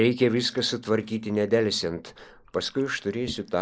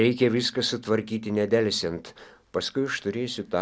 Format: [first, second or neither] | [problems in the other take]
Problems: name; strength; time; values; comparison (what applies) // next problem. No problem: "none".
second | noise reduction (neural mask model Resemble Enhance denoiser)